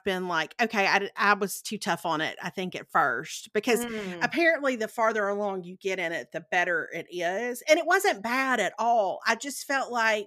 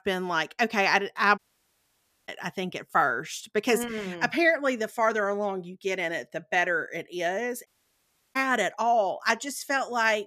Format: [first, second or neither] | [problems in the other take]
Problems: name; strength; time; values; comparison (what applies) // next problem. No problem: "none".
first | audio cutting out; at 1.5 s for 1 s and at 7.5 s for 0.5 s